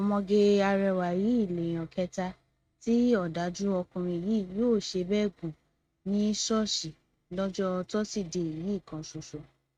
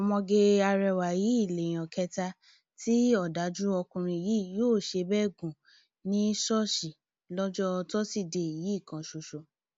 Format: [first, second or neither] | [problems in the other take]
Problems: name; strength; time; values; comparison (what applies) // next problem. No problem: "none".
second | noise reduction (neural mask model RNNoise)